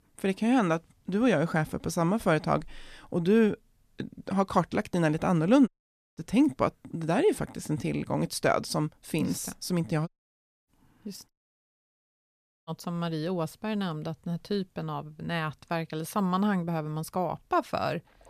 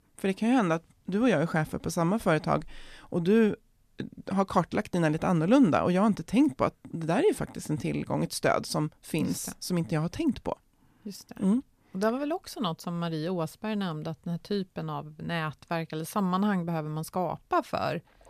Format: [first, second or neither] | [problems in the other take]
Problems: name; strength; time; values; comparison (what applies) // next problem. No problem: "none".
second | audio cutting out; at 5.5 s, at 10 s for 0.5 s and at 11 s for 1.5 s